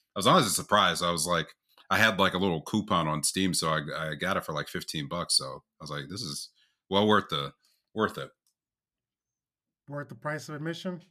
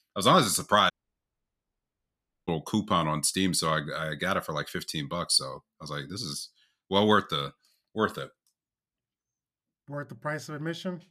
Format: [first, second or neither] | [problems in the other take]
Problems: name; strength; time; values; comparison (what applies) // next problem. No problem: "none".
first | audio cutting out; at 1 s for 1.5 s